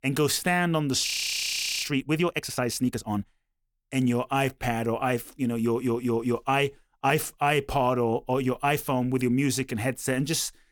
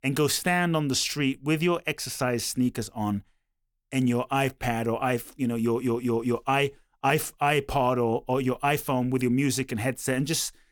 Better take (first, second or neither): second